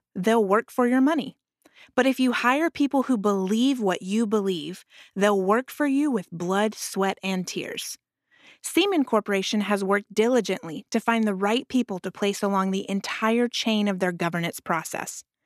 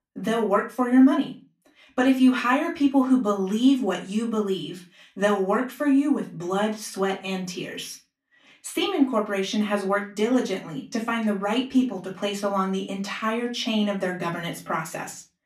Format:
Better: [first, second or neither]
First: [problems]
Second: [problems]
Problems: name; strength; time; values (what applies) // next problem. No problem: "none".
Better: first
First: none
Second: off-mic speech; far // room echo; very slight; dies away in 0.3 s